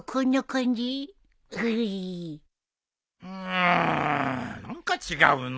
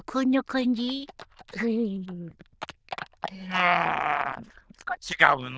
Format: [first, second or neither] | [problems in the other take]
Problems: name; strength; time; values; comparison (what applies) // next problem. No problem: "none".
first | noise reduction (neural diffusion model UNIVERSE++)